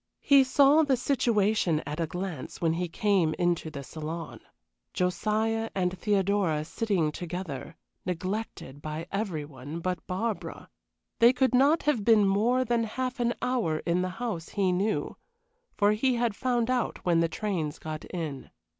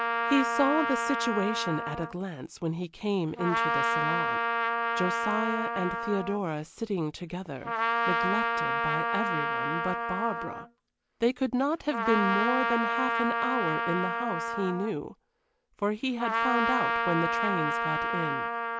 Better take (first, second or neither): first